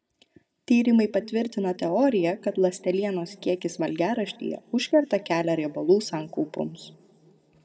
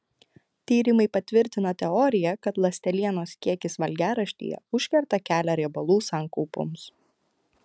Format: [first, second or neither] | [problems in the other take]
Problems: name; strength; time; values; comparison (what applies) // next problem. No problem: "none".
second | room echo; dies away in 1.7 s